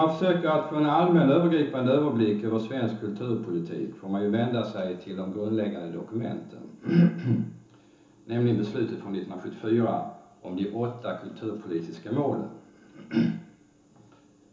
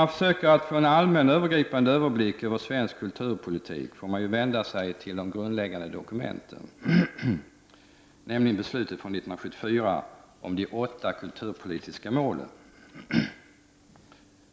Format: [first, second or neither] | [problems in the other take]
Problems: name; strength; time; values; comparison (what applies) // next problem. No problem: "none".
second | room echo; dies away in 0.8 s